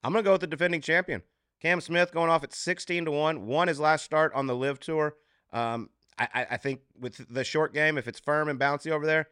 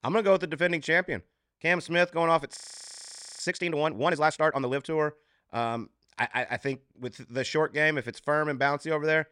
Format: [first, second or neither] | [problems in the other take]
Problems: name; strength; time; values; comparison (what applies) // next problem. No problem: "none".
first | audio freezing; at 2.5 s for 1 s